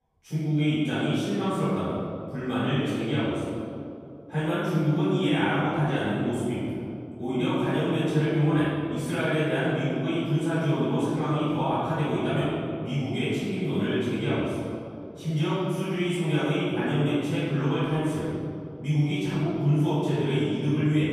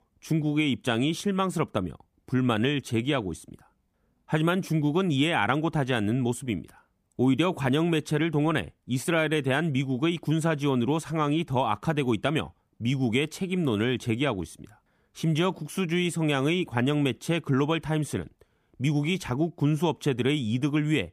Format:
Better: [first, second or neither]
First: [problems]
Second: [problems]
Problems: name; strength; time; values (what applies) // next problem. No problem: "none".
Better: second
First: room echo; strong; dies away in 2.4 s // off-mic speech; far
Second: none